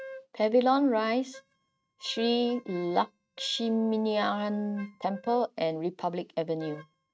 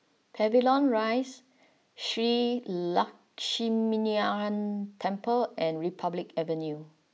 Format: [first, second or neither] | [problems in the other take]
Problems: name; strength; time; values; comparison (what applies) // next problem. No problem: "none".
second | noise reduction (neural mask model RNNoise)